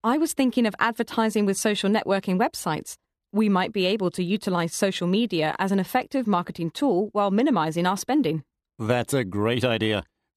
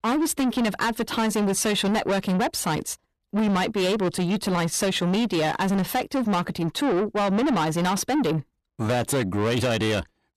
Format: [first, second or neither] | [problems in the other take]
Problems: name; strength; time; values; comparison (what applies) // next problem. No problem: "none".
first | distortion; heavy; 8 dB below the speech